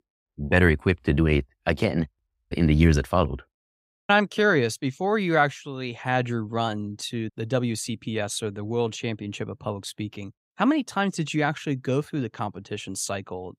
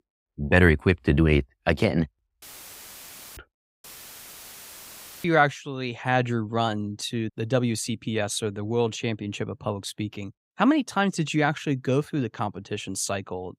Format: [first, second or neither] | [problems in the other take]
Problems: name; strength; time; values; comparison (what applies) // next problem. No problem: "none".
first | audio cutting out; filled with static; at 2.5 s for 1 s and at 4 s for 1.5 s